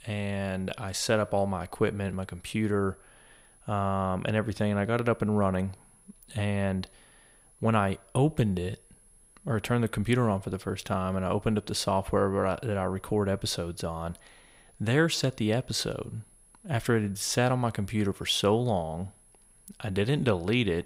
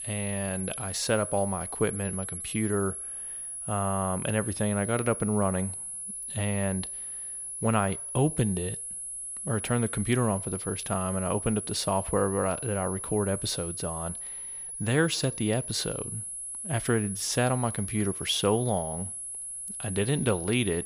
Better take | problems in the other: first | high-pitched whine; loud; throughout; 10.5 kHz, 5 dB below the speech; faint in the first

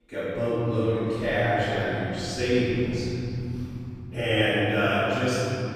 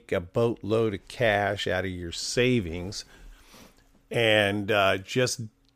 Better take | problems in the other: second | off-mic speech; far // room echo; strong; dies away in 3 s

